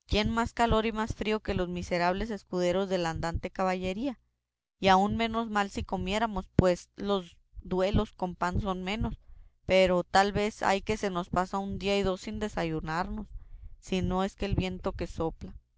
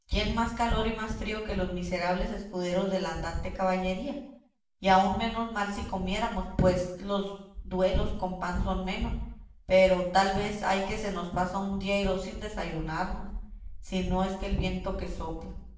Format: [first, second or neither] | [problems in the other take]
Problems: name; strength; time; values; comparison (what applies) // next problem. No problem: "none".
first | room echo; dies away in 0.6 s